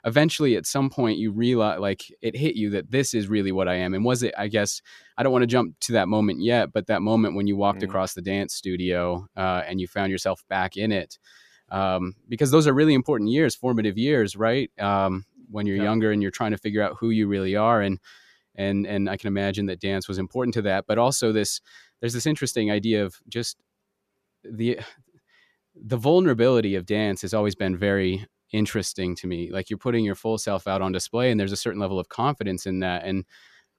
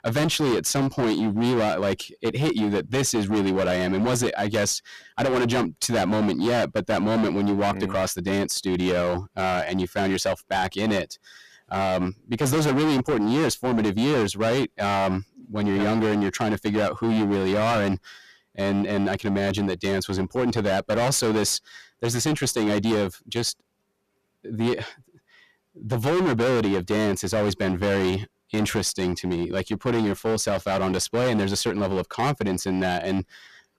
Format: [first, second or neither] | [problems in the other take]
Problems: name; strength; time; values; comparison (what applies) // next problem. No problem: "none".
first | distortion; heavy; 22% of the sound clipped